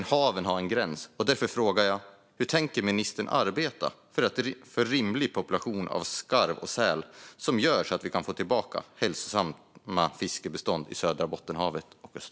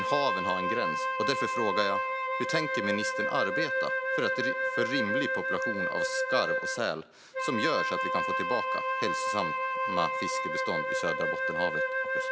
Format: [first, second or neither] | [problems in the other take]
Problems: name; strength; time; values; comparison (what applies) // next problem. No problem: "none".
first | background sound (Wind instrument, woodwind instrument); 3 dB above the speech